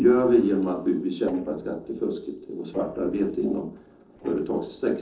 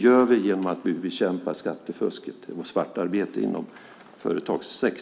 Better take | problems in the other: second | noise reduction (neural separator model SepFormer DNS4)

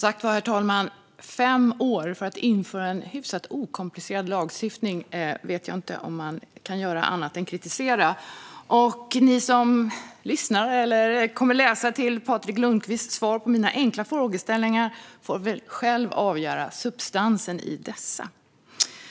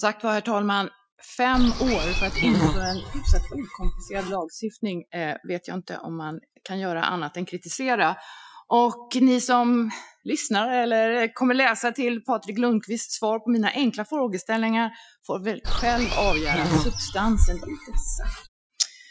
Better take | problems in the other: first | noise reduction (classical method Wiener filter)

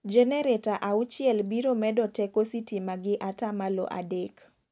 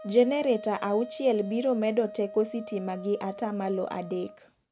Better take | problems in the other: first | background sound (Wind instrument, woodwind instrument); 15 dB below the speech

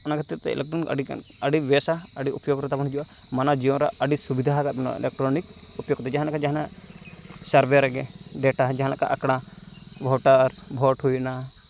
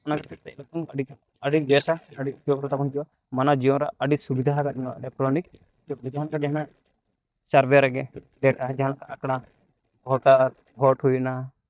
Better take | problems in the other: first | noise reduction (neural mask model DeepFilterNet 3)

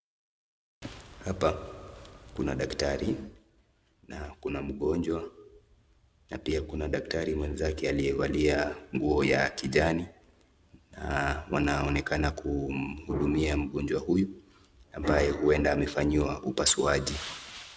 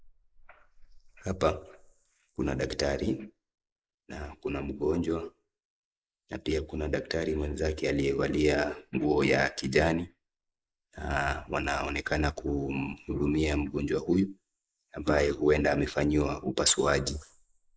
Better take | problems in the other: first | noise reduction (neural mask model Resemble Enhance denoiser)

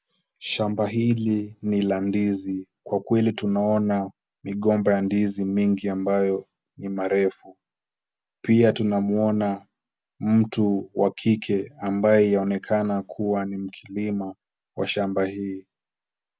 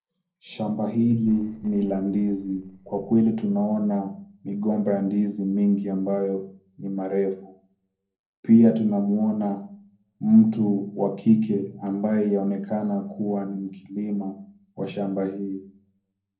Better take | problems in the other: first | noise reduction (neural separator model SepFormer DNS4)

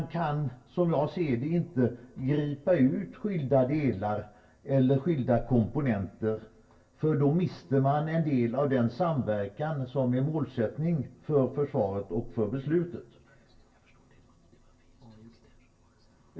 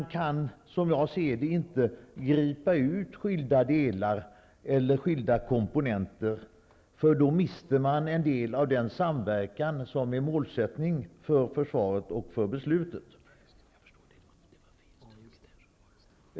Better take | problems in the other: second | room echo; dies away in 0.2 s

